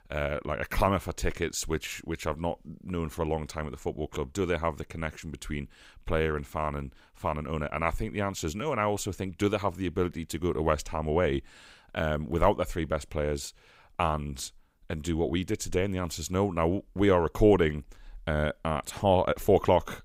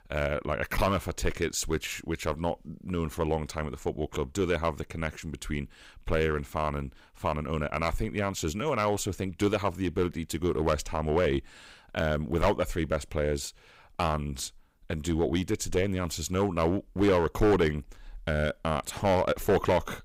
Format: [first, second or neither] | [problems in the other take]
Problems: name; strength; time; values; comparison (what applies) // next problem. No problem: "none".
first | distortion; slight; 3% of the sound clipped